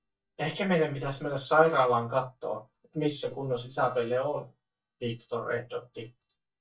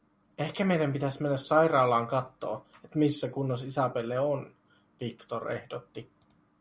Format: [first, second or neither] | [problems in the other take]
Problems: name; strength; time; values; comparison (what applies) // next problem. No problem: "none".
second | noise reduction (neural mask model DeepFilterNet 3)